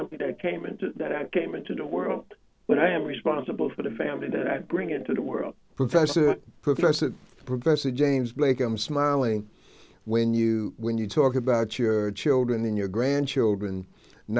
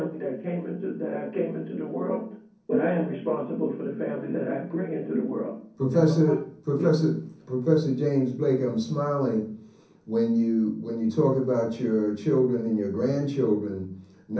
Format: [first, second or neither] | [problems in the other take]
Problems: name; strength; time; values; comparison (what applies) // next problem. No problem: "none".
first | room echo; dies away in 0.6 s